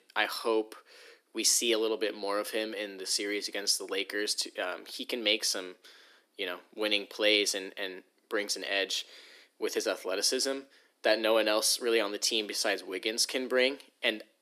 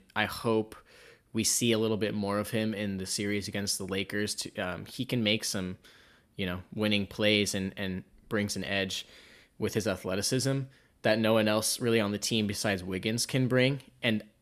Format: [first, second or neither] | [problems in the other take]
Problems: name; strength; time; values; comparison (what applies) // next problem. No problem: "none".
second | thin; somewhat; fading below 300 Hz